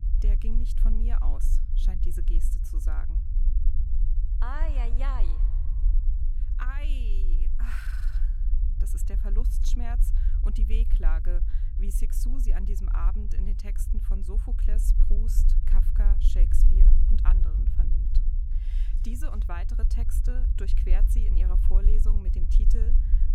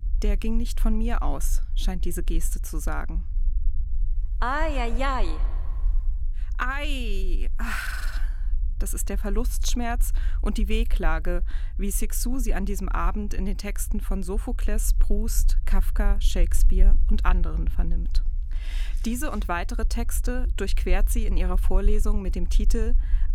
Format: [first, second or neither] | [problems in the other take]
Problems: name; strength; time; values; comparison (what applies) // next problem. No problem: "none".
second | low rumble; loud; throughout; 6 dB below the speech; faint in the second